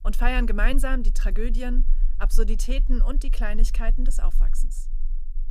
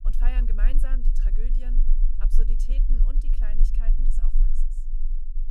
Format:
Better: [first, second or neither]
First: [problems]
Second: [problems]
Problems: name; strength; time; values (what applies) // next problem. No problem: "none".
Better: first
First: low rumble; faint; throughout; 25 dB below the speech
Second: low rumble; loud; throughout; 7 dB below the speech